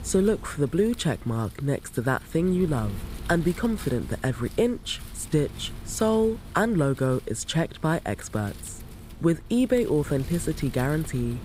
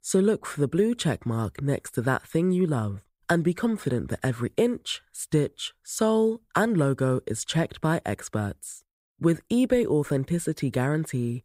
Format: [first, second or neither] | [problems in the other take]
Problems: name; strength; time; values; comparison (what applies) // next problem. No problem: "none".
second | wind noise on the microphone; occasional gusts; 20 dB below the speech